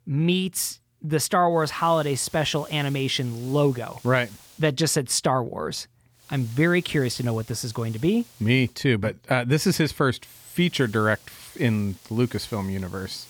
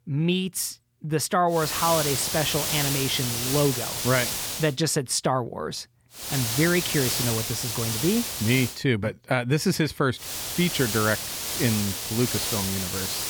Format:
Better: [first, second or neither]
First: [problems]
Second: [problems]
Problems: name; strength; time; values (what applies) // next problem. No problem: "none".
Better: first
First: hiss; faint; from 1.5 to 4.5 s, from 6 to 8.5 s and from 10 s on; 25 dB below the speech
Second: hiss; loud; from 1.5 to 4.5 s, from 6 to 8.5 s and from 10 s on; 1 dB below the speech